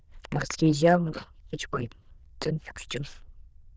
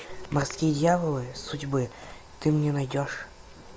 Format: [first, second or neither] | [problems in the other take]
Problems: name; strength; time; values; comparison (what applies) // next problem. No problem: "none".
second | noise reduction (neural diffusion model UNIVERSE++)